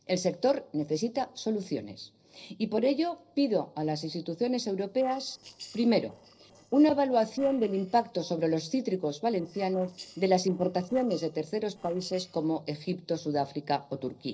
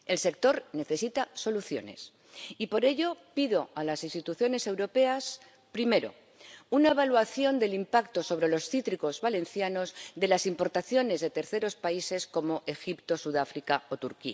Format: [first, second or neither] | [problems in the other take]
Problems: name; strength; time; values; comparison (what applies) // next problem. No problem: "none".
second | noise reduction (neural separator model SepFormer DNS4)